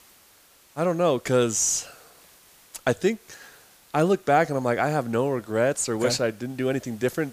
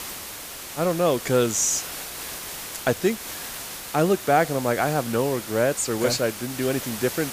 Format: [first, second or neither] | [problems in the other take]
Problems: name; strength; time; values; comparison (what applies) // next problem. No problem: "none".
first | hiss; loud; throughout; 10 dB below the speech; faint in the first